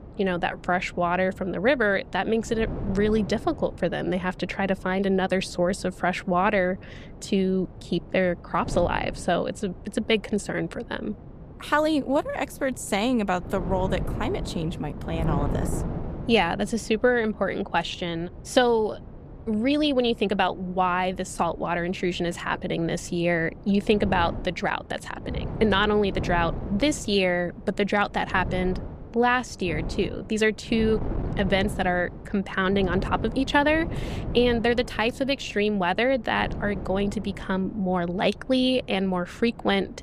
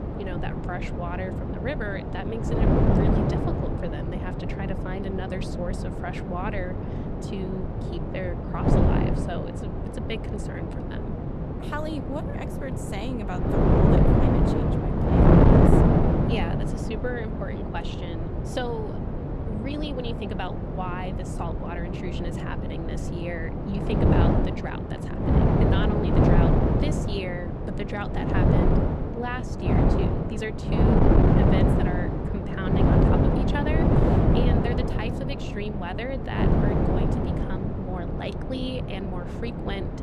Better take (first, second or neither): first